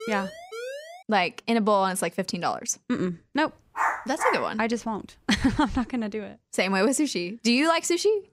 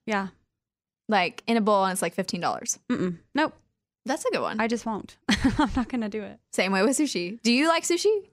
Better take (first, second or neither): second